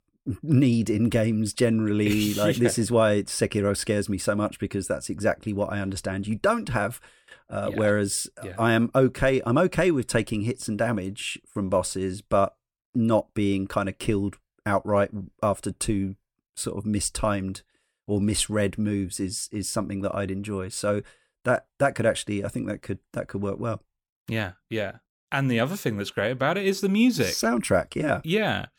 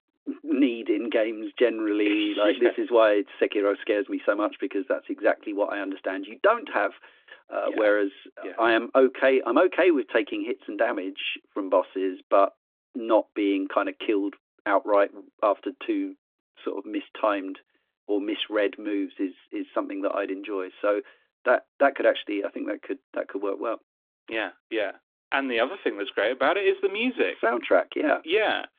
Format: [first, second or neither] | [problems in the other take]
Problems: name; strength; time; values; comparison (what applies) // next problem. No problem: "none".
first | phone-call audio; nothing above 3.5 kHz